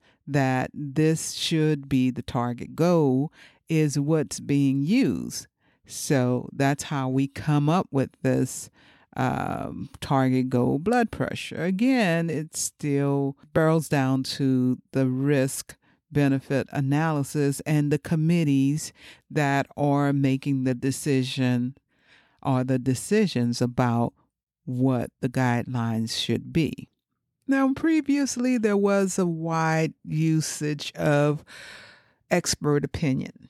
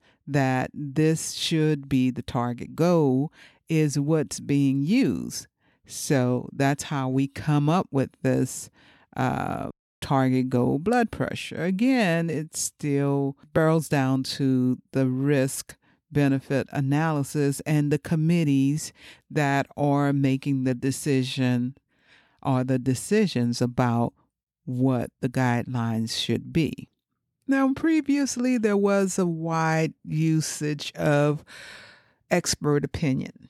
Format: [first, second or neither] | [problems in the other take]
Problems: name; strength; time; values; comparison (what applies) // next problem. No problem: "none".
first | audio cutting out; at 9.5 s